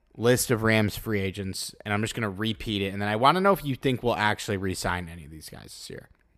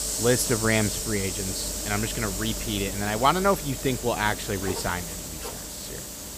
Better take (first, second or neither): first